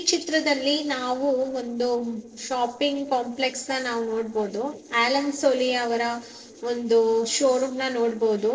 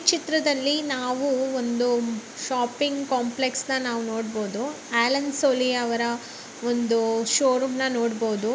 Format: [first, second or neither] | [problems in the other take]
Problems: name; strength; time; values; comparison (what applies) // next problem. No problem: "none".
second | noise reduction (neural separator model SepFormer DNS4)